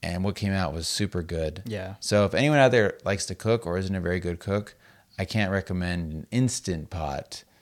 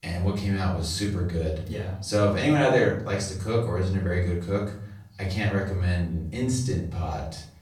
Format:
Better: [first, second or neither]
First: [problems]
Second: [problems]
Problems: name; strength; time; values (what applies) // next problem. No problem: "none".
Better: first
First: none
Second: off-mic speech; far // room echo; noticeable; dies away in 0.6 s